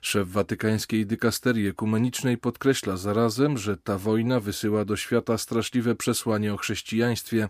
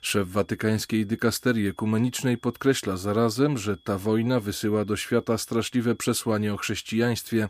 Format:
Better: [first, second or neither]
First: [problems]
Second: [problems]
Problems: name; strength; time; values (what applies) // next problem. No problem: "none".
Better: first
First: none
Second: high-pitched whine; faint; throughout; 3.5 kHz, 35 dB below the speech